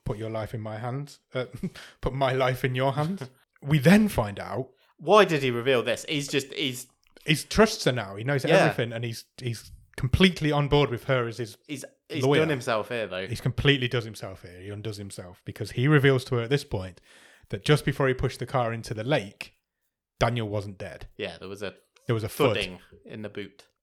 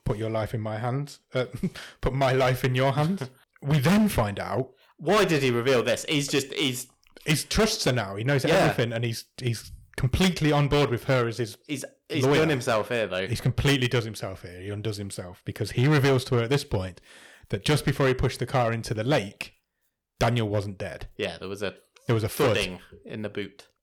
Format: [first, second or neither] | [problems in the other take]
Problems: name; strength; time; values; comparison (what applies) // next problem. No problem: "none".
first | distortion; heavy; 7% of the sound clipped